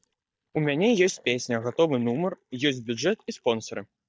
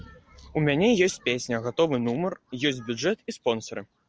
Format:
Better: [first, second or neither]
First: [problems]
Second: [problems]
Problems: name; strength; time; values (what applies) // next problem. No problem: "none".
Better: second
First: noise reduction (neural mask model DeepFilterNet 3)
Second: none